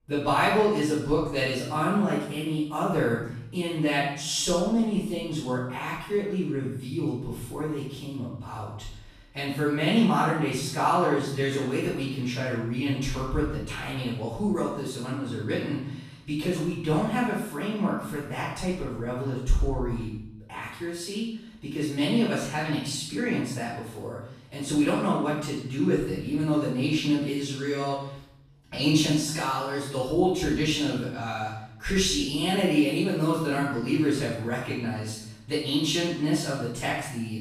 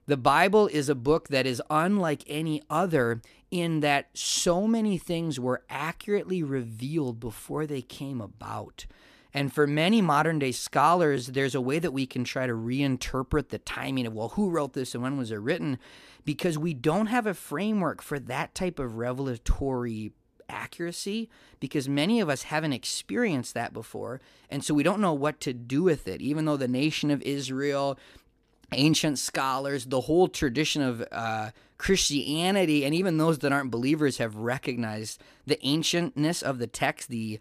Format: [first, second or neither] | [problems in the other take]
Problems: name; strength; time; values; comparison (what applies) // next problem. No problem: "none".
second | off-mic speech; far // room echo; strong; dies away in 0.7 s